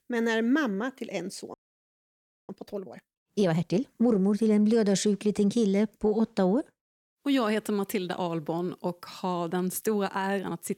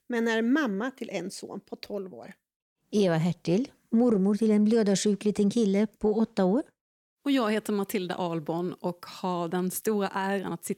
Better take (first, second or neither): second